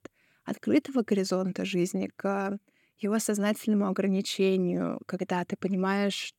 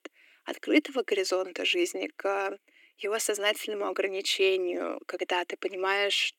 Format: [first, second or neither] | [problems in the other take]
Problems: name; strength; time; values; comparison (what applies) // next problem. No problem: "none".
first | thin; somewhat; fading below 300 Hz